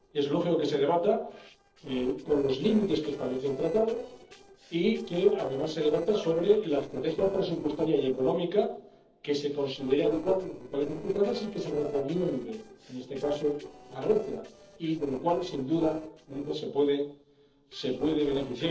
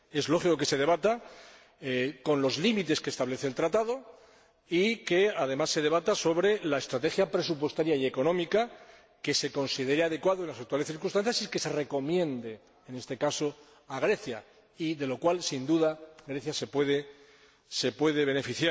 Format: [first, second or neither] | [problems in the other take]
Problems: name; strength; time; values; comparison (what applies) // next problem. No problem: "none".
second | noise reduction (neural separator model SepFormer DNS4)